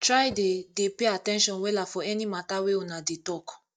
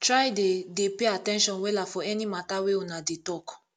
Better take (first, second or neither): second